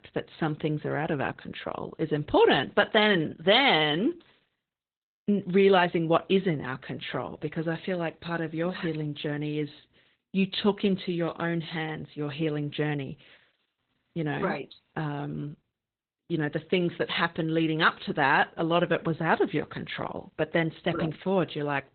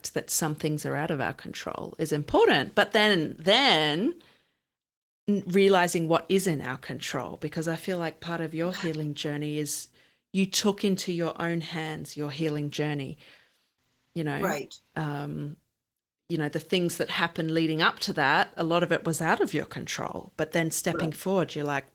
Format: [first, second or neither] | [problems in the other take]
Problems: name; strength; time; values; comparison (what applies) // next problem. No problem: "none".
second | garbled, watery; badly; nothing above 4 kHz; slightly in the second